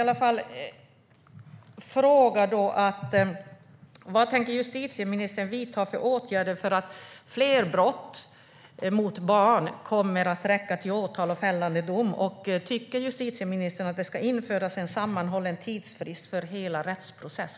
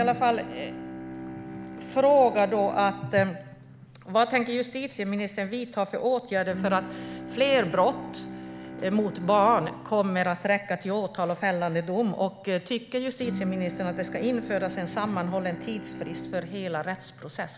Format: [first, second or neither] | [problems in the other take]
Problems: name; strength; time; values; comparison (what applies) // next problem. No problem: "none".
first | background sound (Bowed string instrument); 12 dB below the speech